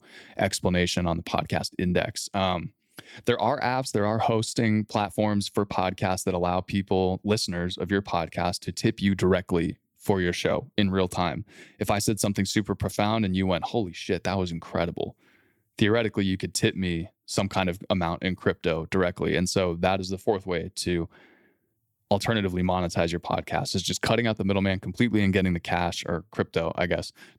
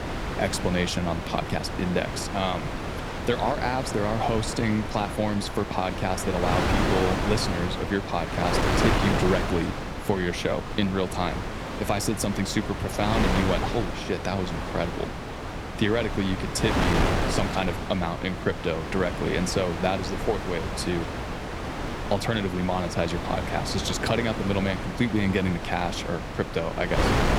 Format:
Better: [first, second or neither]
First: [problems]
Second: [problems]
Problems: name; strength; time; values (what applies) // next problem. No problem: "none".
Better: first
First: none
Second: wind noise on the microphone; heavy; 2 dB below the speech